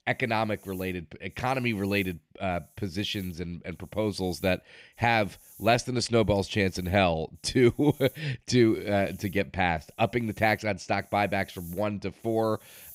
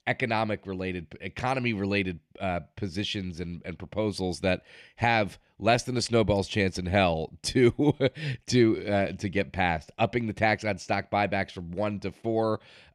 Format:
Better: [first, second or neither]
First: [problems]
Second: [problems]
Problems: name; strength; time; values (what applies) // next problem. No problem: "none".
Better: second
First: hiss; faint; throughout; 25 dB below the speech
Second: none